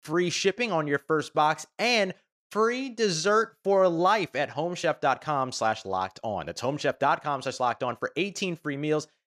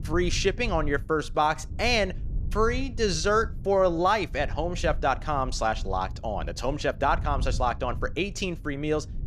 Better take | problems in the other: first | low rumble; faint; throughout; 25 dB below the speech

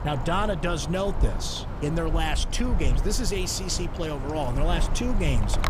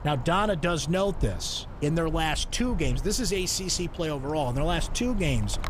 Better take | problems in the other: second | wind noise on the microphone; heavy; 8 dB below the speech; occasional gusts in the second

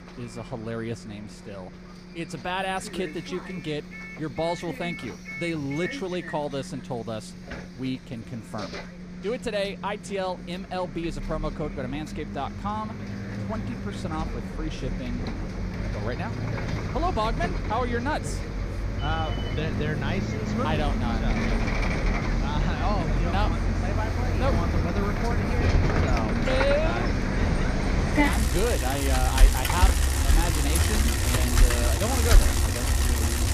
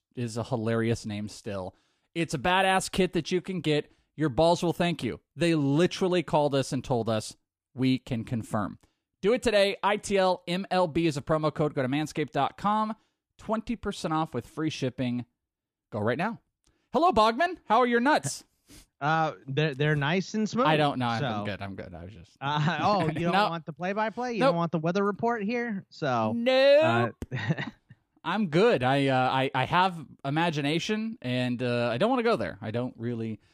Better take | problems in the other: second | traffic noise; very loud; throughout; 5 dB above the speech

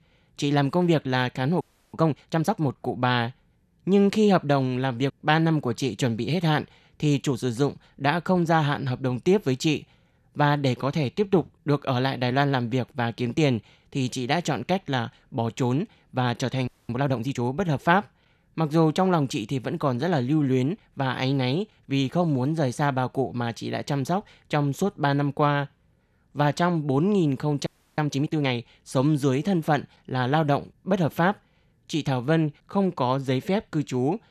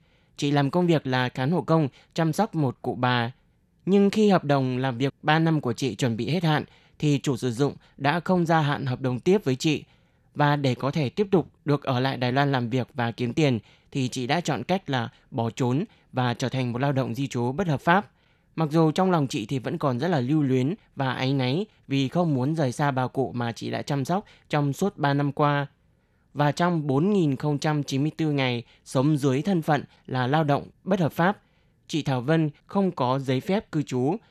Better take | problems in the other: second | audio freezing; at 1.5 s, at 17 s and at 28 s

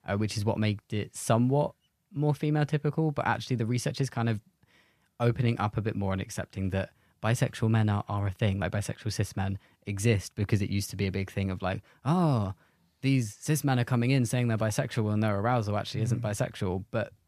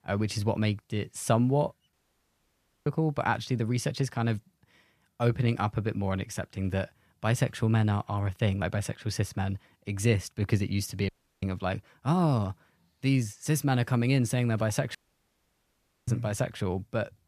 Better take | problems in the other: first | audio cutting out; at 2 s for 1 s, at 11 s and at 15 s for 1 s

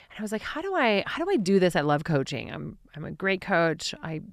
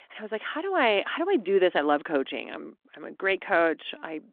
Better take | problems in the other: first | phone-call audio

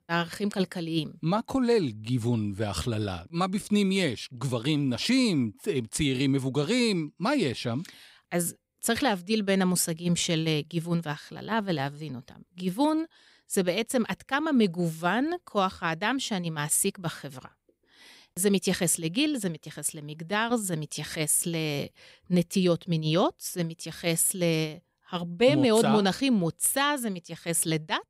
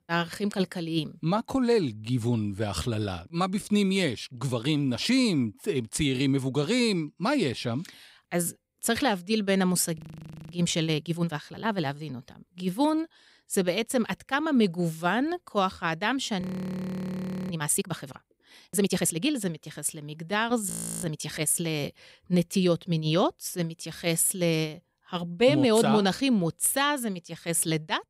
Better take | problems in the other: first | audio freezing; at 10 s for 0.5 s, at 16 s for 1 s and at 21 s

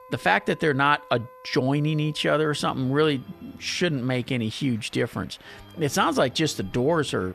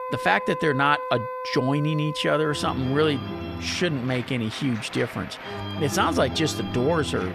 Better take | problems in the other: first | background music; loud; throughout; 9 dB below the speech; faint in the first

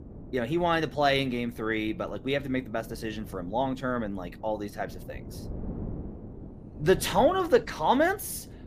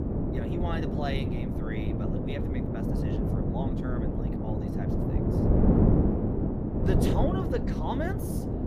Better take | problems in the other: first | wind noise on the microphone; heavy; 3 dB above the speech; occasional gusts in the first

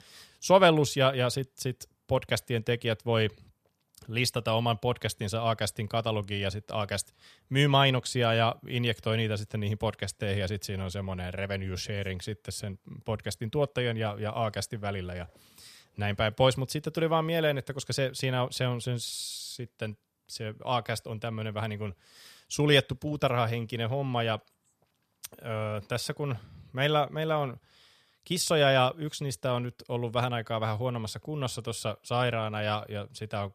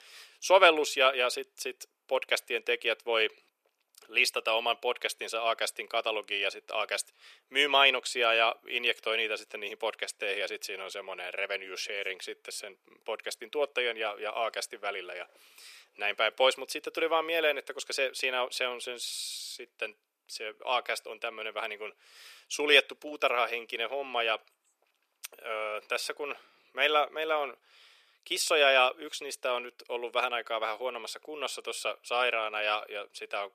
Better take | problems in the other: first | thin; very; fading below 350 Hz

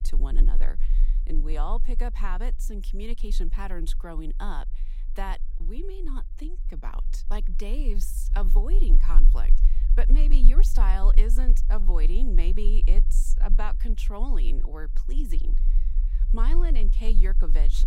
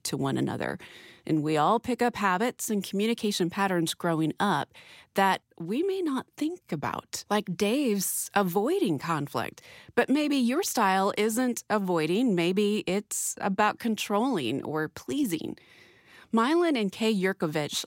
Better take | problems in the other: second | low rumble; noticeable; throughout; 15 dB below the speech

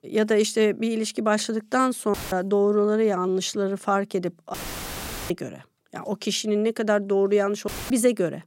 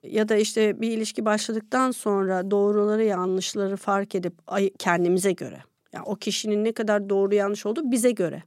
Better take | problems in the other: second | audio cutting out; filled with static; at 2 s, at 4.5 s for 1 s and at 7.5 s

